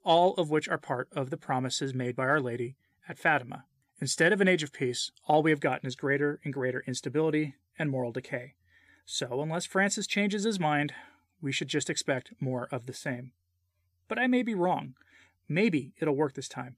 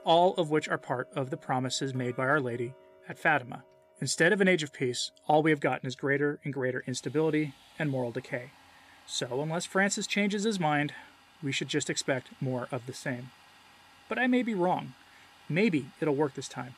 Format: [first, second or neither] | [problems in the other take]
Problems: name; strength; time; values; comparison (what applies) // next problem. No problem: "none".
first | household noises; faint; throughout; 25 dB below the speech